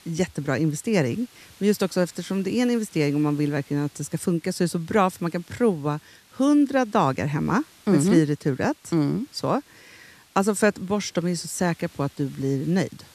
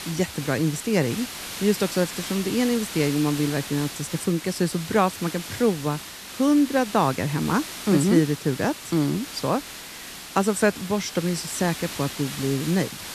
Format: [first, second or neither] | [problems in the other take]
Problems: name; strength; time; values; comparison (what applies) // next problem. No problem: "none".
first | hiss; loud; throughout; 10 dB below the speech; faint in the first